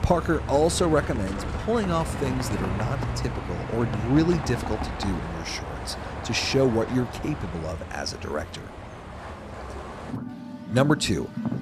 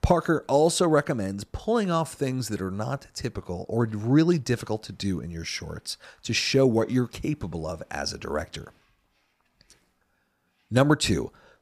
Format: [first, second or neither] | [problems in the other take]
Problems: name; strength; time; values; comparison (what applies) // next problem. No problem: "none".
second | traffic noise; loud; throughout; 7 dB below the speech